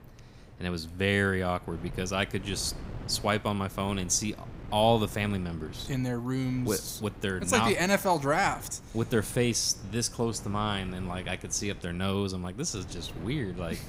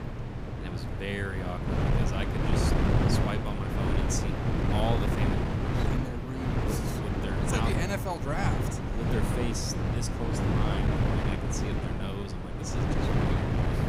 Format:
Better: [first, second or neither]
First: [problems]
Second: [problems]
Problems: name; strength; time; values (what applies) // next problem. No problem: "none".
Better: first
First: wind noise on the microphone; occasional gusts; 20 dB below the speech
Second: wind noise on the microphone; heavy; 3 dB above the speech